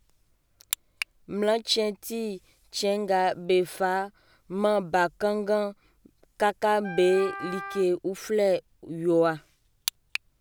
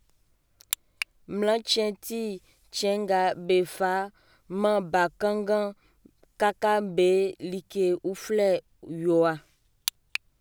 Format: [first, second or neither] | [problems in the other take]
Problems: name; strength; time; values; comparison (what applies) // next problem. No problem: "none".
second | background sound (Wind instrument, woodwind instrument); 10 dB below the speech